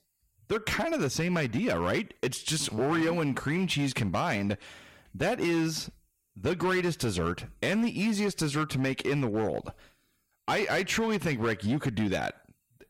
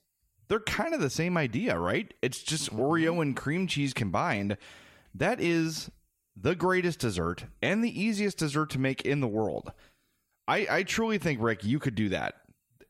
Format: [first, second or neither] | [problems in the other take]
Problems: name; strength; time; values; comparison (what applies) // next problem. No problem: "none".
second | distortion; slight; 11% of the sound clipped